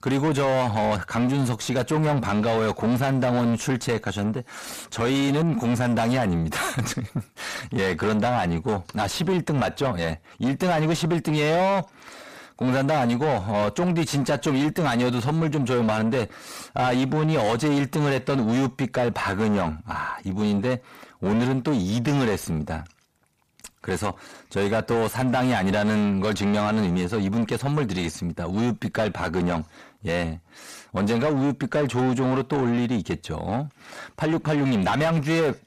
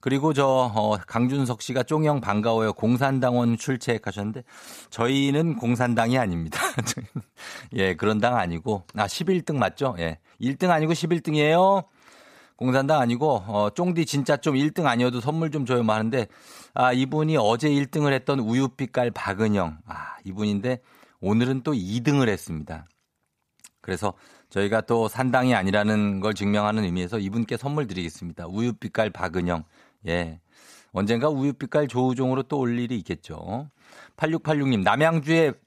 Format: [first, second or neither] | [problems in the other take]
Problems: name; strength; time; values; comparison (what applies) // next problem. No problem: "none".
second | distortion; heavy; 7 dB below the speech